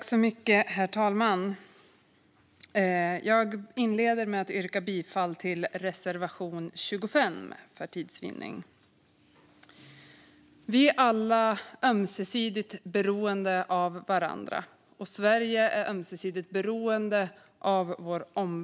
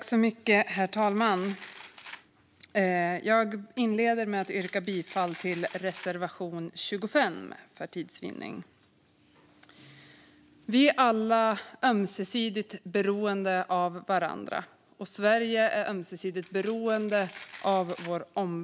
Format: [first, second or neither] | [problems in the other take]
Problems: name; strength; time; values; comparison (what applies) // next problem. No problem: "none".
first | background sound (Domestic sounds, home sounds); 19 dB below the speech